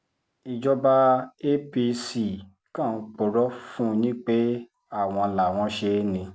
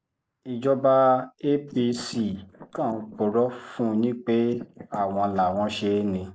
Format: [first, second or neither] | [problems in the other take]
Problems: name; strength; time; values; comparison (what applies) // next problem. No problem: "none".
first | noise reduction (neural mask model Resemble Enhance denoiser)